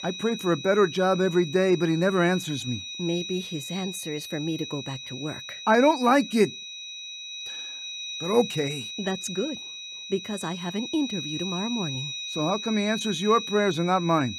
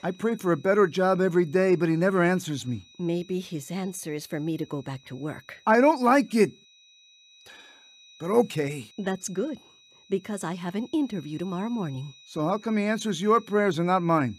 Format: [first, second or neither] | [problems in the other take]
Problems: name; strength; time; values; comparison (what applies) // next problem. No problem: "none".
second | high-pitched whine; loud; throughout; 4 kHz, 8 dB below the speech; faint in the second